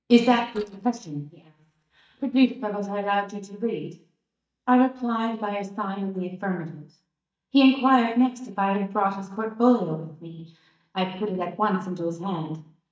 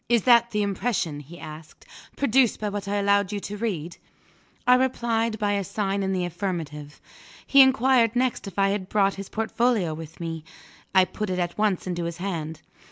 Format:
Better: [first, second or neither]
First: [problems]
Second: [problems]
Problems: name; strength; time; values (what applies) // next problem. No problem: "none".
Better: second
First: noise reduction (neural mask model DeepFilterNet 3)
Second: none